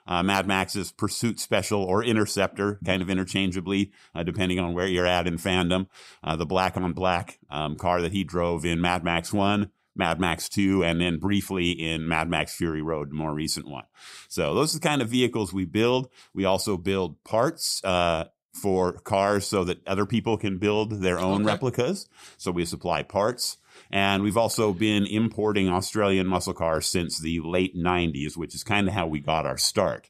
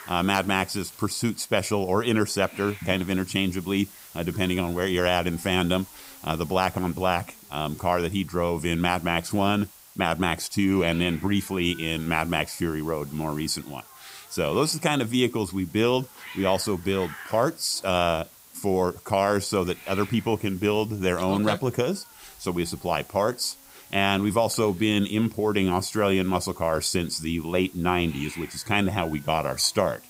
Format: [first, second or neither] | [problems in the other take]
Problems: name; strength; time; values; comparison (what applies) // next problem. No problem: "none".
first | hiss; noticeable; throughout; 20 dB below the speech